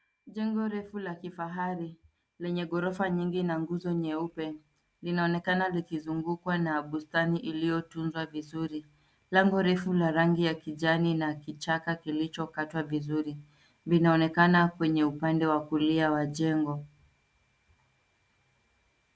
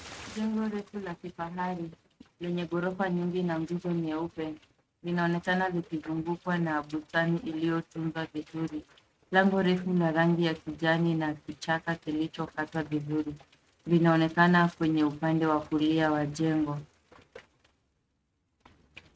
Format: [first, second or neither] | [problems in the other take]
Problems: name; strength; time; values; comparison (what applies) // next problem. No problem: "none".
first | noise reduction (neural mask model RNNoise)